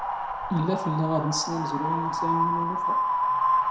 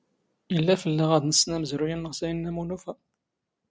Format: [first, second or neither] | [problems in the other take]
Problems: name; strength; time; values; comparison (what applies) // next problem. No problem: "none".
second | background sound (Wind); 3 dB above the speech // room echo; dies away in 0.6 s